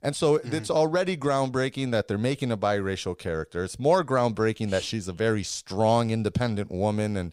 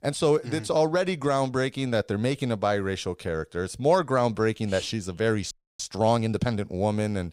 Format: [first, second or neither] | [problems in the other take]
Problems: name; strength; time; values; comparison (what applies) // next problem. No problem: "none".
first | audio freezing; at 5.5 s